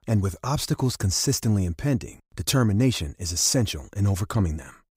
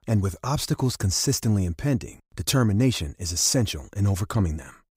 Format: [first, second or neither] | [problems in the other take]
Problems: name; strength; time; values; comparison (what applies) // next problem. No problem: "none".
neither | none